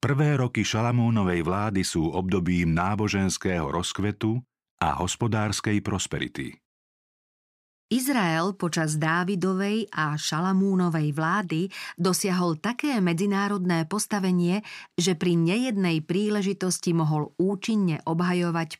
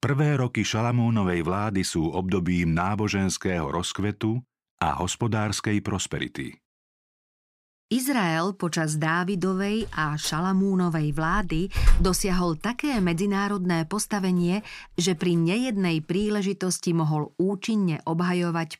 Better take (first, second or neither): first